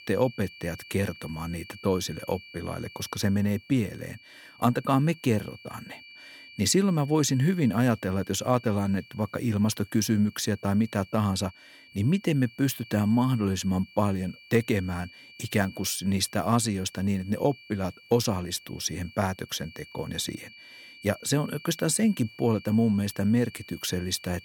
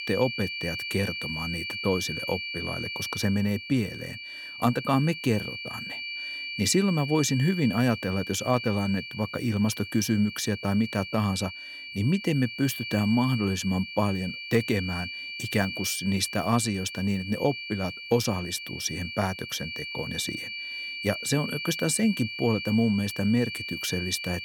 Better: first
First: high-pitched whine; faint; throughout; 2.5 kHz, 20 dB below the speech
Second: high-pitched whine; loud; throughout; 2.5 kHz, 7 dB below the speech

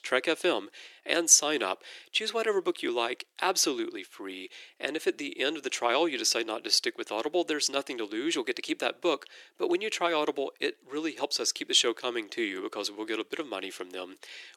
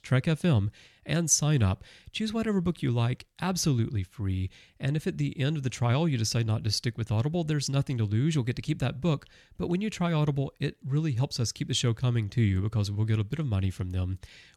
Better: second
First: thin; very; fading below 350 Hz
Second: none

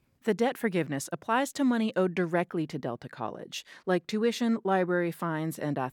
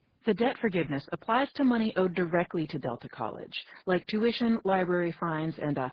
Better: first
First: none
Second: garbled, watery; badly

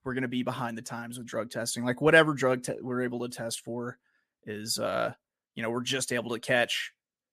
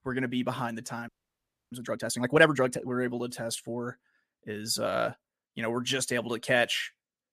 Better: first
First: none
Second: audio freezing; at 1 s for 0.5 s

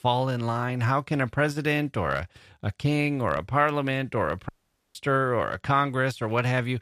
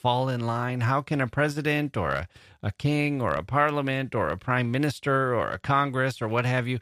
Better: second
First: audio cutting out; at 4.5 s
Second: none

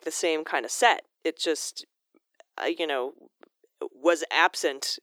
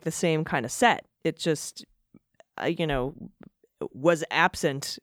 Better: second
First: thin; very; fading below 350 Hz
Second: none

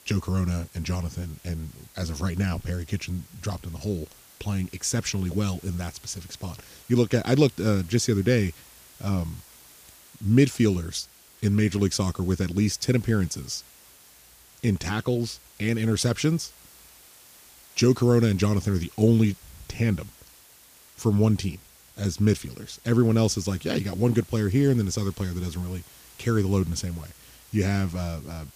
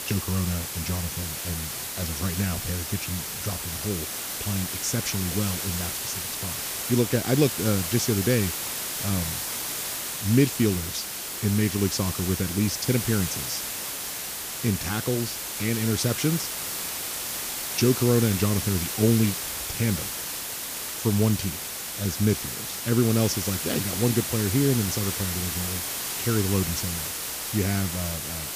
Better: first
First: hiss; faint; throughout; 25 dB below the speech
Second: hiss; loud; throughout; 2 dB below the speech

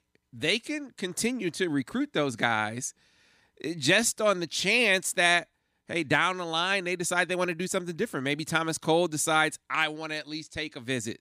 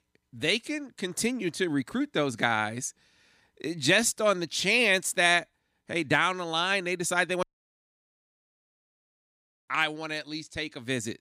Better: first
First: none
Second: audio cutting out; at 7.5 s for 2.5 s

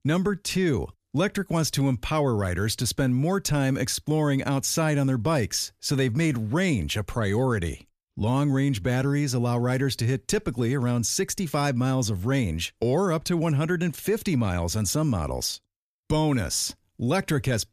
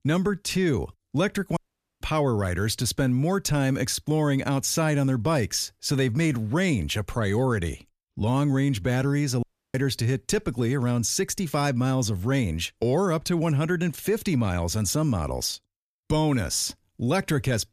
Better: first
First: none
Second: audio cutting out; at 1.5 s and at 9.5 s

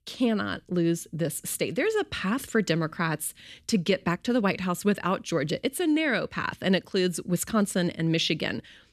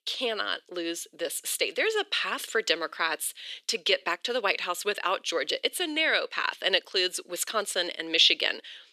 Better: first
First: none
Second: thin; very; fading below 400 Hz

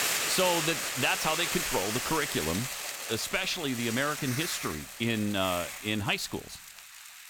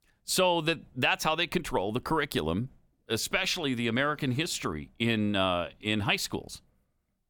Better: second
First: hiss; loud; throughout; 2 dB below the speech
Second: none

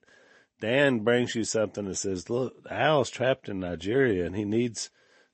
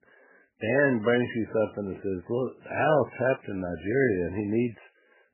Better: first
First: garbled, watery; slightly; nothing above 8 kHz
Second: garbled, watery; badly; nothing above 2.5 kHz

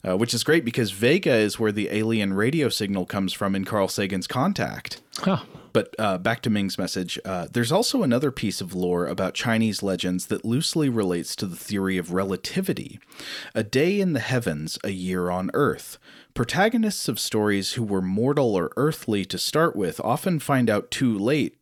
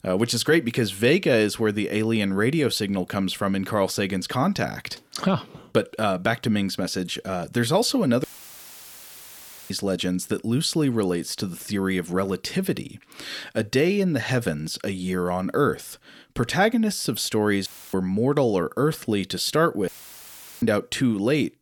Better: first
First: none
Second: audio cutting out; filled with static; at 8 s for 1.5 s, at 18 s and at 20 s for 0.5 s

